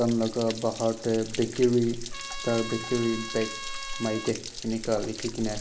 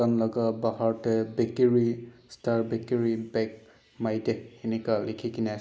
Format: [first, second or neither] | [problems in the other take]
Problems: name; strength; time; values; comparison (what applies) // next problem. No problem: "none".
second | background sound (Stream / Trickle, dribble / Splash, splatter + Trumpet); 9 dB below the speech